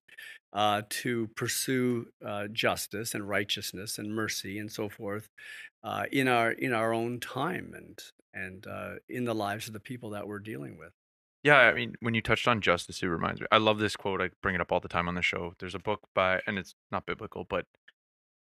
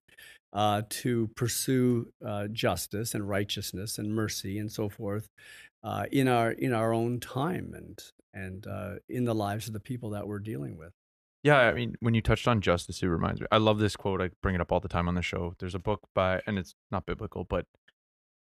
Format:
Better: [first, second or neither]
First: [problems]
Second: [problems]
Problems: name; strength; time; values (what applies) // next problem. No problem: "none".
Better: second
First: thin; very slightly; fading below 400 Hz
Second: none